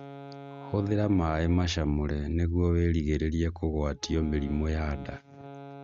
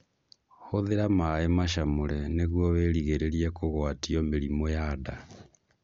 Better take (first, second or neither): second